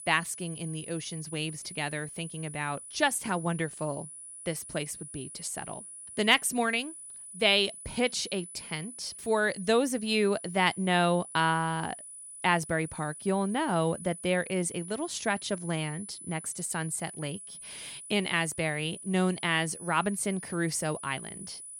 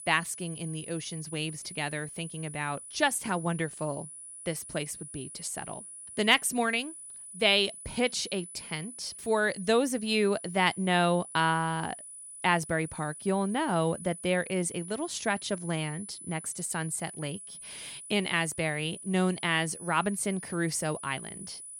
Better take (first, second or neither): neither